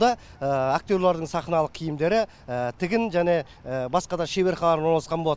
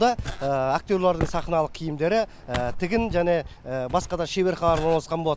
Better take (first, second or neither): first